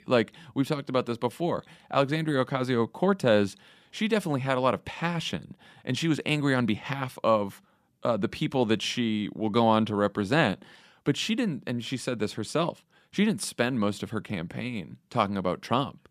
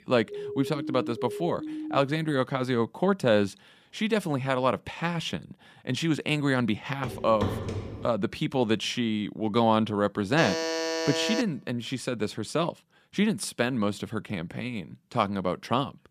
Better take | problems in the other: first | siren; noticeable; until 2 s; peak 7 dB below the speech // footsteps; noticeable; from 7 to 8 s; peak 3 dB below the speech // alarm; noticeable; from 10 to 11 s; peak 1 dB below the speech

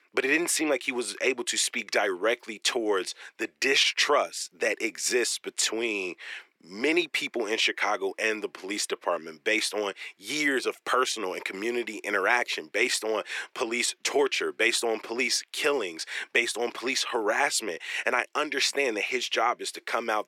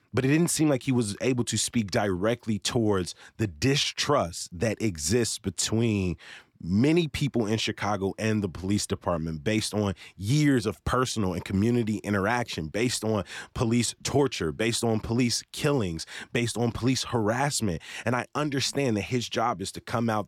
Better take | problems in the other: second | thin; very; fading below 400 Hz

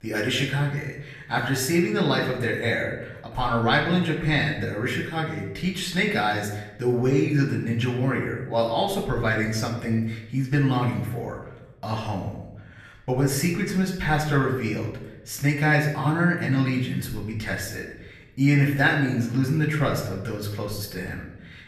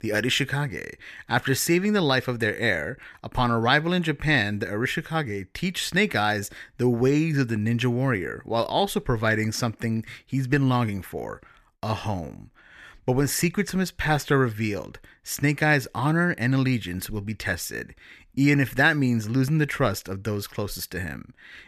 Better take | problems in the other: second | off-mic speech; far // room echo; slight; dies away in 0.8 s

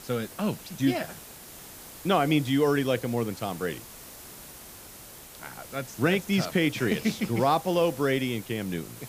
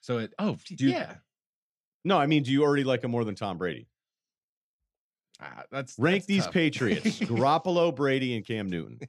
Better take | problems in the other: second | hiss; noticeable; throughout; 15 dB below the speech

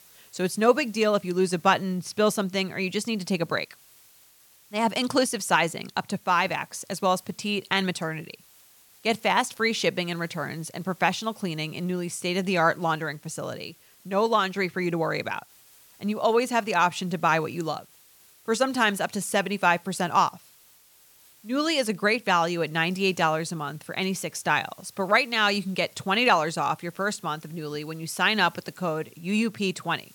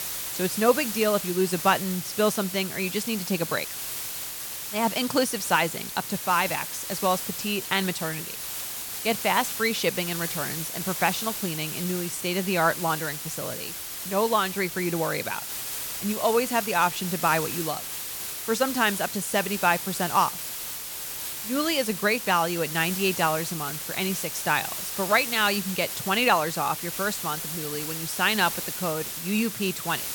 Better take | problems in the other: first | hiss; loud; throughout; 5 dB below the speech; faint in the first

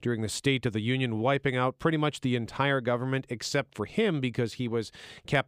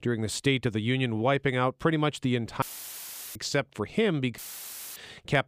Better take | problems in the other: first | audio cutting out; filled with static; at 2.5 s for 0.5 s and at 4.5 s for 0.5 s

